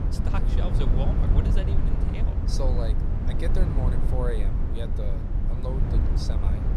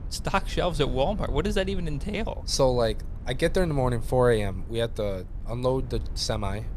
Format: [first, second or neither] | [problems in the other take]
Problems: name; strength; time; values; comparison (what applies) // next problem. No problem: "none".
second | low rumble; loud; throughout; 1 dB below the speech; faint in the second